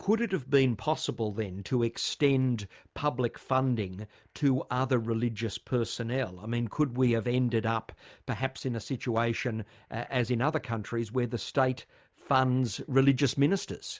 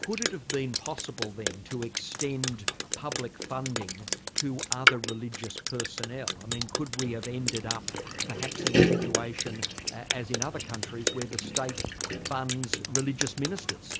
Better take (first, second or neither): first